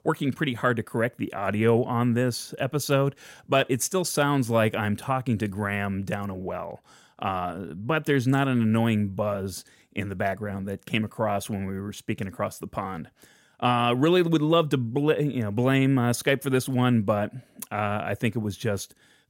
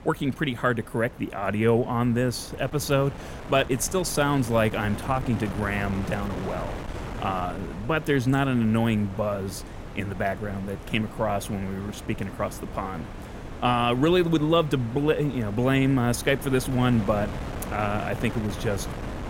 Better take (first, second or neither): first